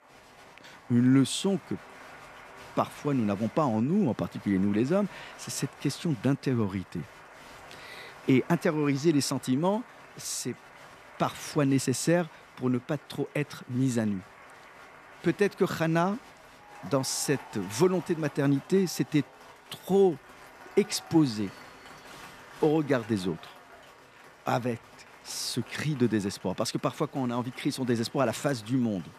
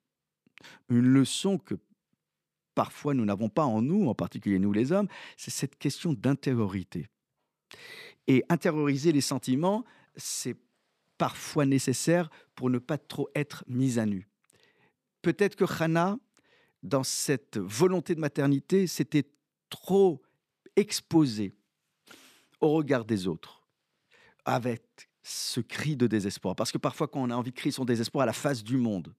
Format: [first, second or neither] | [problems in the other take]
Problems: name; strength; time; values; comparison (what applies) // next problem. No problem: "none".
second | crowd noise; faint; throughout; 20 dB below the speech